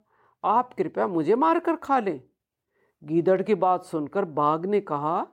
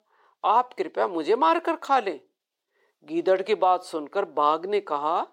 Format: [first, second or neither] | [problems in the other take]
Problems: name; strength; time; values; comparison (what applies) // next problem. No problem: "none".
first | thin; somewhat; fading below 450 Hz